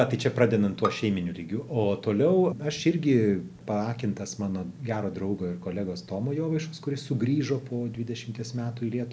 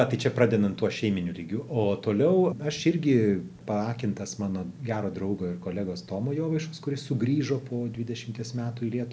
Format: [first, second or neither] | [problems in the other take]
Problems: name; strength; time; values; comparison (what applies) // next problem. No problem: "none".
second | background sound (Bowed string instrument); 13 dB below the speech